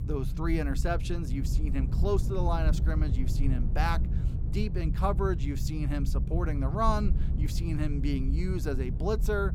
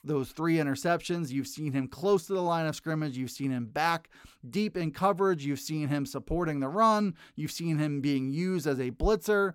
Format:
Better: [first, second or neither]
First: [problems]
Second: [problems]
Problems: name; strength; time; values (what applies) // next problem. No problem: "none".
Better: second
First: low rumble; noticeable; throughout; 10 dB below the speech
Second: none